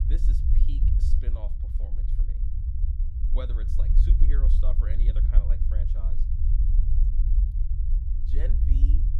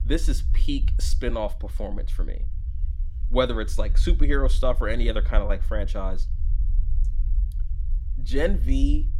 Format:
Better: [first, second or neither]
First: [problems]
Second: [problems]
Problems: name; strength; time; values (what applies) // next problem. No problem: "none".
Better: second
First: low rumble; loud; throughout; as loud as the speech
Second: low rumble; faint; throughout; 20 dB below the speech